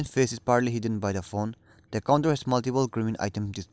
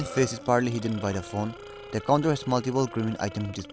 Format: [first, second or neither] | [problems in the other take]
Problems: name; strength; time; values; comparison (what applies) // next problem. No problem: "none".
first | background sound (Wind instrument, woodwind instrument + Burping, eructation); 14 dB below the speech